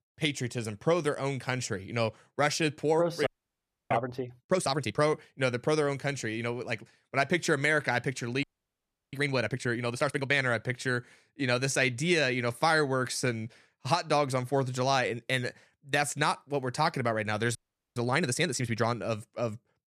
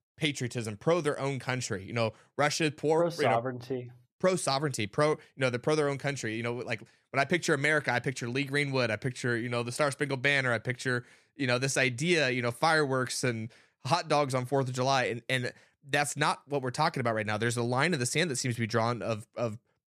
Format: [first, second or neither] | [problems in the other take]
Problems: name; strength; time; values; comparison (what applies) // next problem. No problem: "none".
second | audio freezing; at 3.5 s for 0.5 s, at 8.5 s for 0.5 s and at 18 s